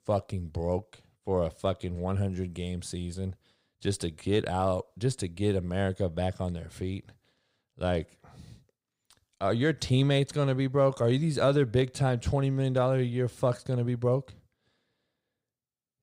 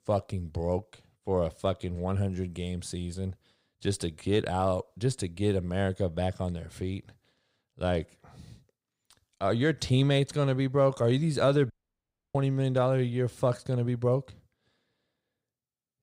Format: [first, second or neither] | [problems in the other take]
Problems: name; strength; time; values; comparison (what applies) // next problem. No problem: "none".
first | audio cutting out; at 12 s for 0.5 s